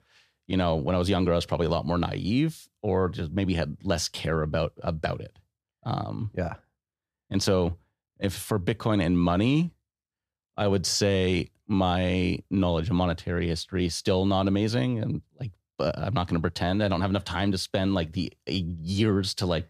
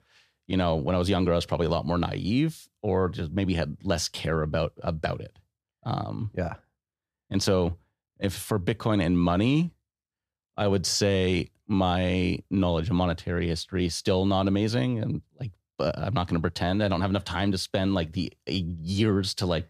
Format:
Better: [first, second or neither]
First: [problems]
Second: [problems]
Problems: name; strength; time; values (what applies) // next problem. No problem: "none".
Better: neither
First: none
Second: none